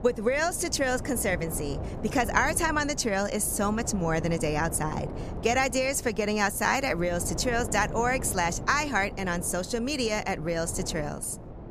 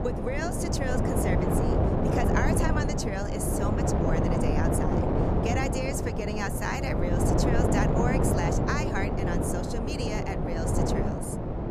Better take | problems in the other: first | wind noise on the microphone; heavy; 2 dB above the speech; occasional gusts in the first

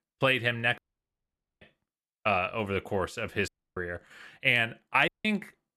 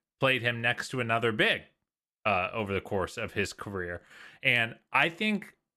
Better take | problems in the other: second | audio cutting out; at 1 s for 1 s, at 3.5 s and at 5 s

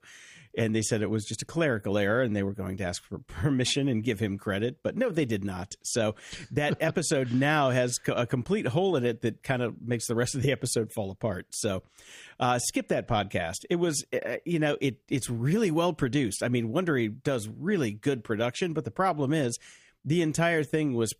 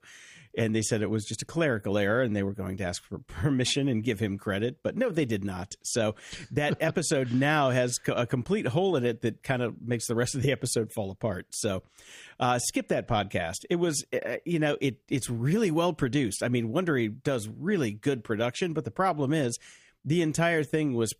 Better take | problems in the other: neither | none

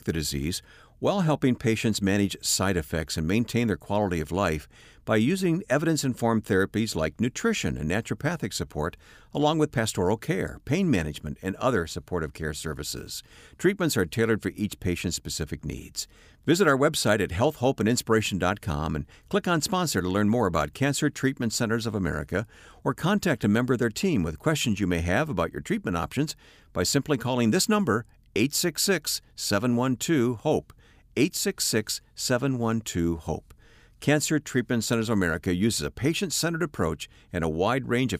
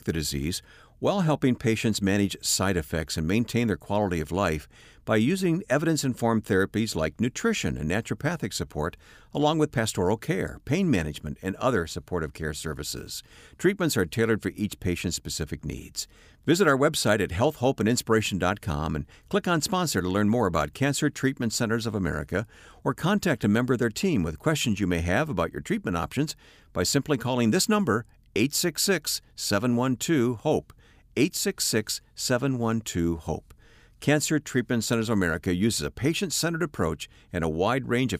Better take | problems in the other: neither | none

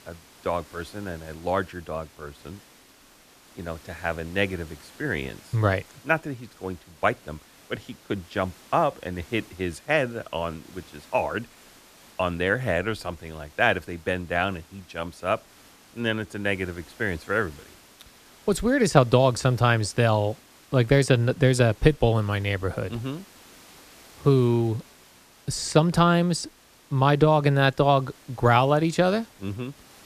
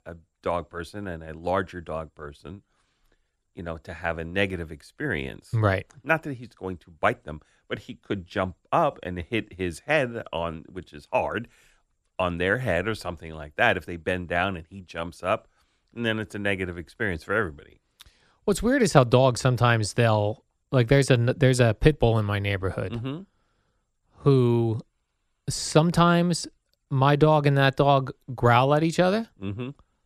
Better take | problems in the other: second | hiss; faint; throughout; 25 dB below the speech

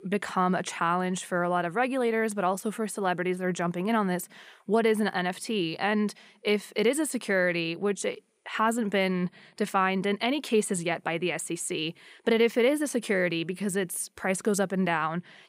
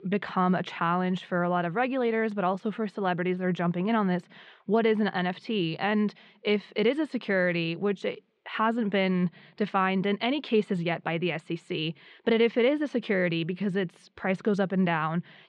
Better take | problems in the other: first | muffled; slightly; fading above 3.5 kHz

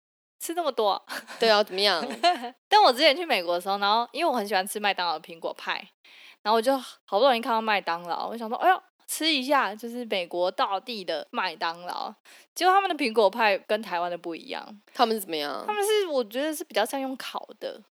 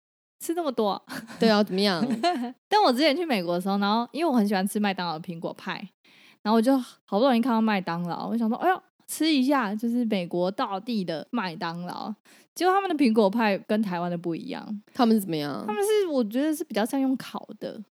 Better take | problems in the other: second | thin; somewhat; fading below 550 Hz

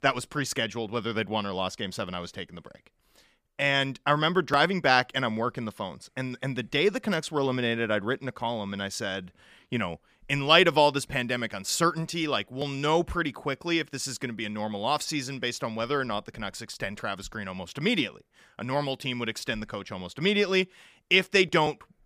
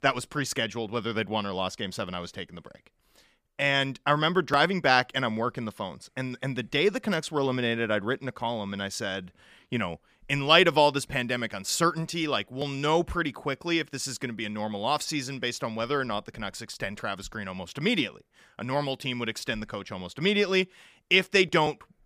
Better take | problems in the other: neither | none

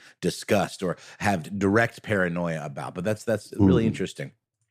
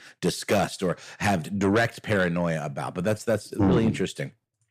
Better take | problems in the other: first | distortion; slight; 10 dB below the speech

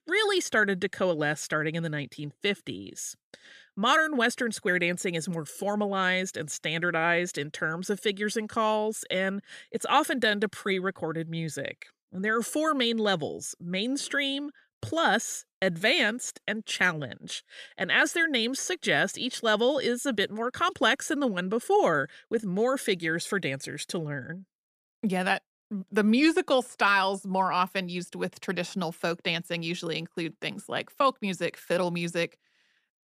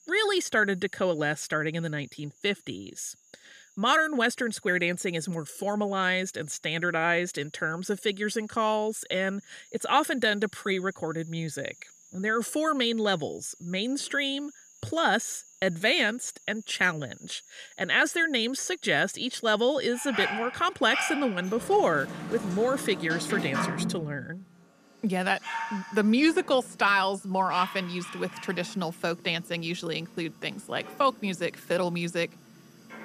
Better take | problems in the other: first | animal sounds; loud; throughout; 9 dB below the speech

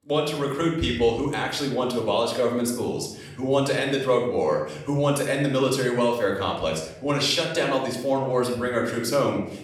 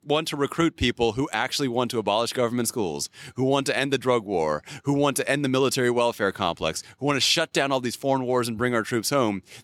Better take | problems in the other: second | off-mic speech; far // room echo; noticeable; dies away in 0.7 s

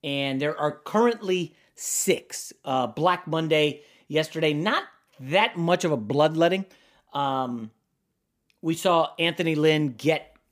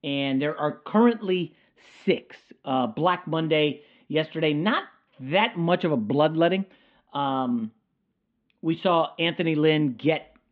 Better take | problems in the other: first | muffled; very; fading above 3.5 kHz

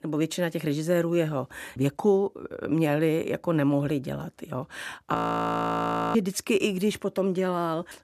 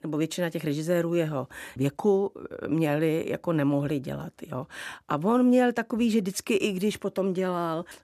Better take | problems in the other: second | audio freezing; at 5 s for 1 s

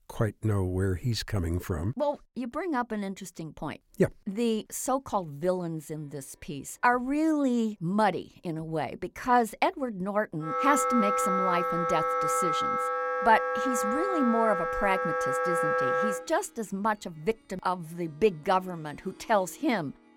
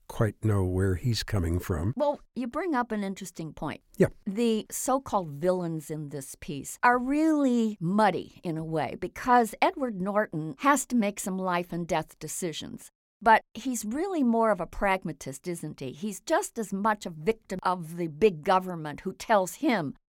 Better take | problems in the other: second | background music; very loud; from 6 s on; 2 dB above the speech

